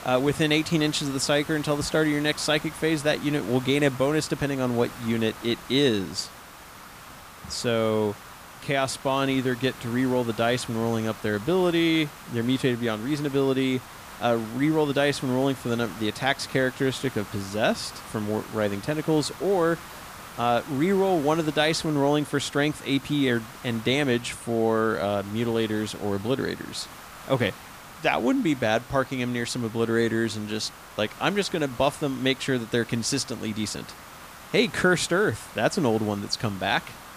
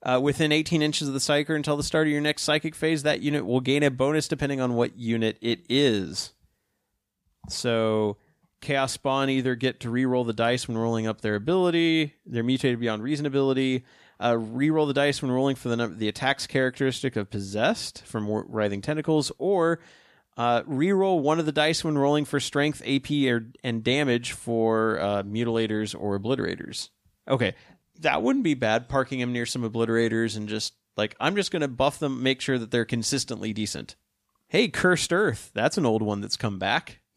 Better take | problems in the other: second | hiss; noticeable; throughout; 15 dB below the speech

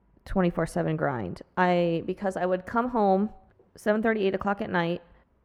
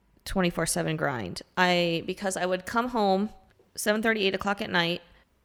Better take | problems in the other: second | muffled; very; fading above 2 kHz

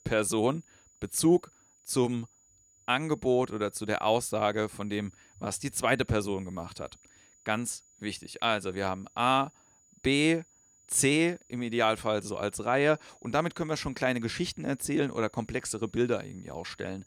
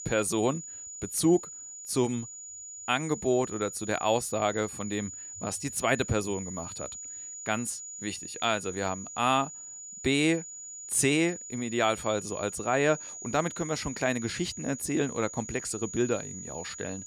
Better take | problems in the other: first | high-pitched whine; loud; throughout; 7 kHz, 10 dB below the speech; faint in the first

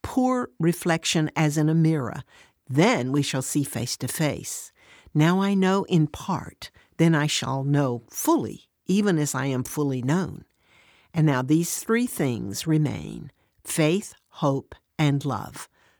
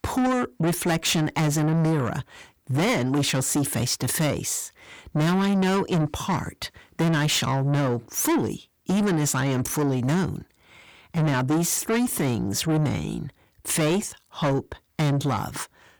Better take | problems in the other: first | distortion; heavy; 7 dB below the speech

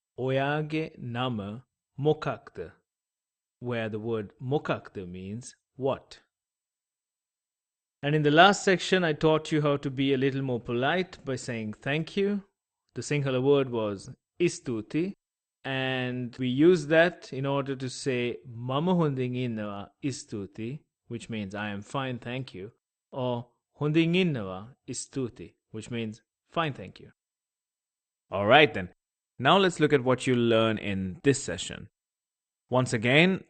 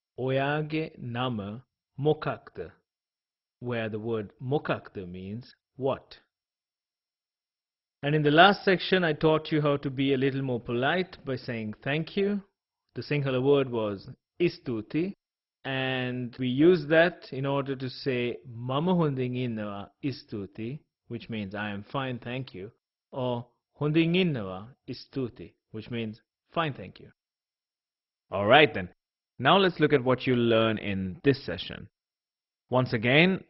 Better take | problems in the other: first | garbled, watery; badly; nothing above 5.5 kHz; slightly in the first

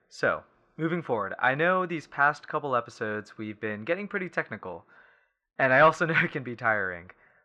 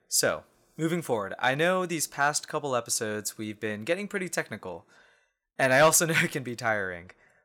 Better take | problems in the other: second | muffled; very; fading above 3 kHz

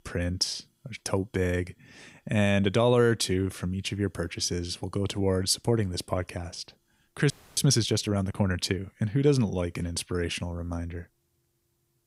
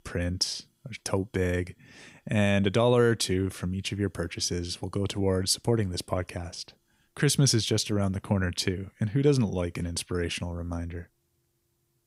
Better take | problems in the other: second | audio freezing; at 7.5 s

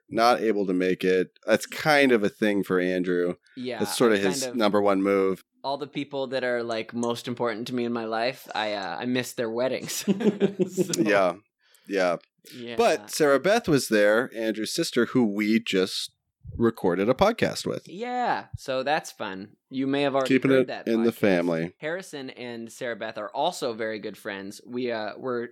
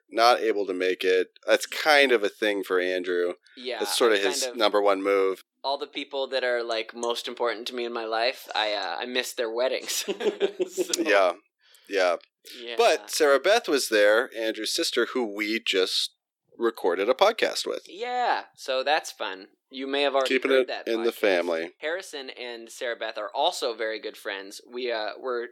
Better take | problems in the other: first | thin; somewhat; fading below 350 Hz

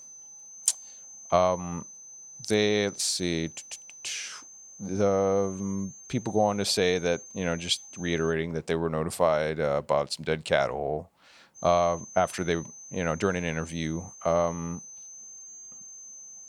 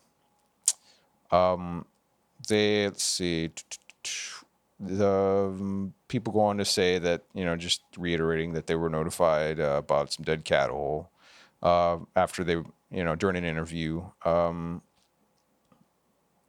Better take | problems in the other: second | high-pitched whine; noticeable; until 8.5 s and from 12 s on; 6.5 kHz, 15 dB below the speech

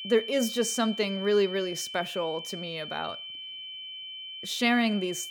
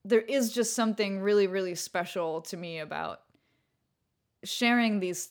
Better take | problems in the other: second | high-pitched whine; loud; throughout; 3 kHz, 9 dB below the speech

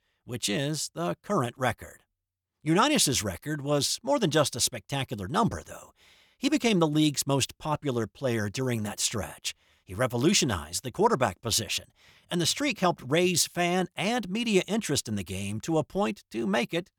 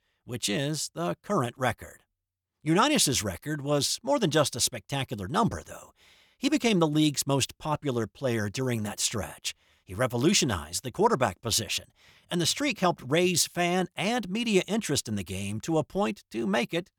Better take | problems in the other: neither | none

